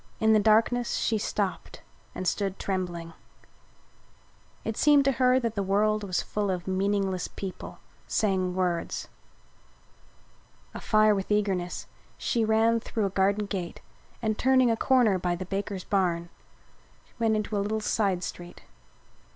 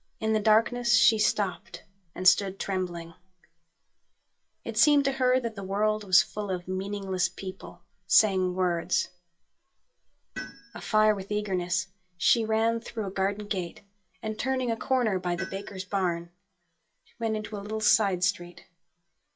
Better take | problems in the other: first | noise reduction (classical method WPE with log-MMSE)

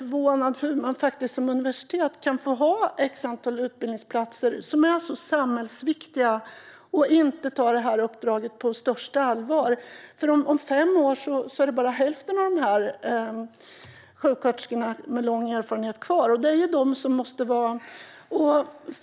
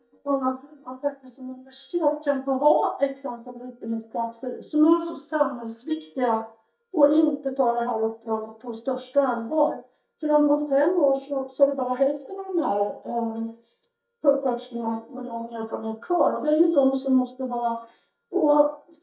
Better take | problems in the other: first | noise reduction (neural mask model DeepFilterNet 3)

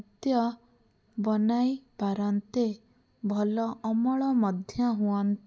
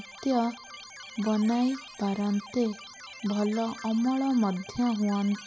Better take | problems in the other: first | background sound (Keyboard (musical)); 17 dB below the speech

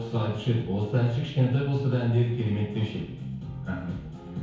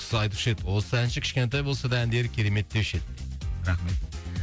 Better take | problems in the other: second | room echo; dies away in 1 s

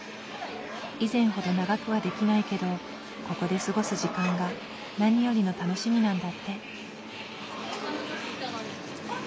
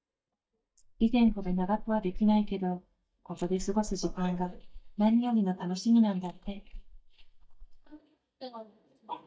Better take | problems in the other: first | noise reduction (neural mask model DeepFilterNet 3)

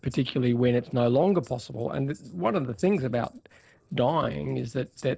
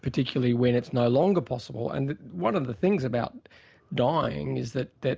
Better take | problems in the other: second | noise reduction (neural separator model SepFormer DNS4)

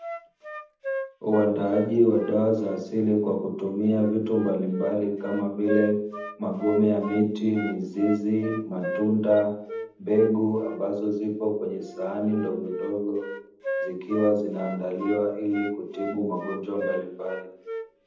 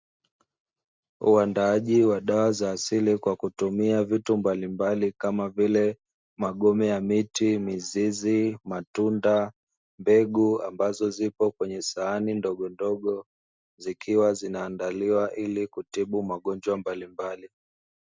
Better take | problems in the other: second | background sound (Wind instrument, woodwind instrument); 11 dB below the speech // room echo; dies away in 0.8 s

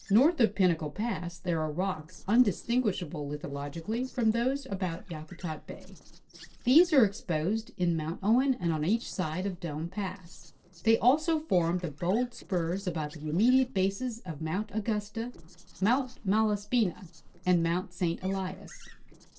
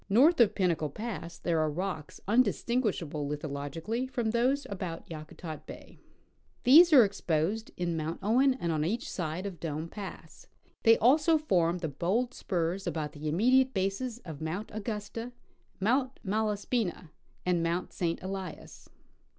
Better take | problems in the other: second | noise reduction (neural separator model SepFormer DNS4)

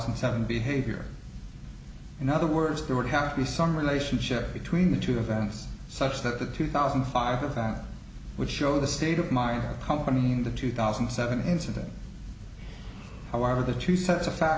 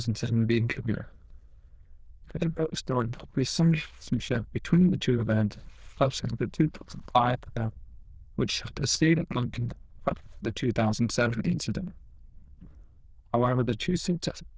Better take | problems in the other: first | noise reduction (neural diffusion model UNIVERSE++)

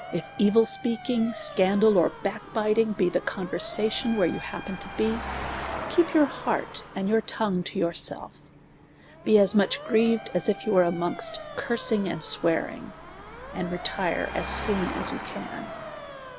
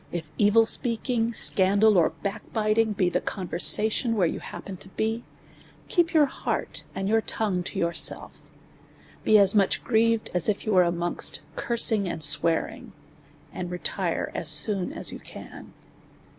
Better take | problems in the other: second | background sound (Engine + Motor vehicle (road) / Siren); 12 dB below the speech

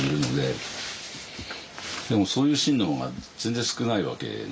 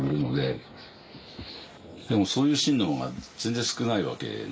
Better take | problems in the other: first | noise reduction (neural mask model Resemble Enhance denoiser)

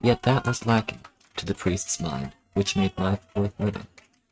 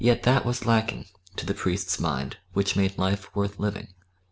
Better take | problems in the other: second | noise reduction (neural mask model RNNoise)

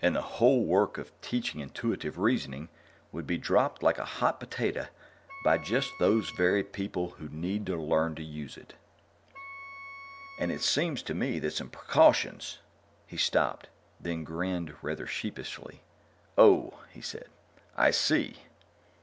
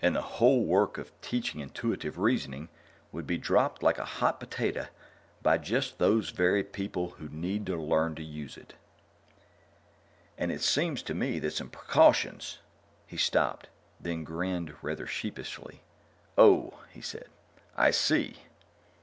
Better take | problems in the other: second | background sound (Wind instrument, woodwind instrument); 18 dB below the speech

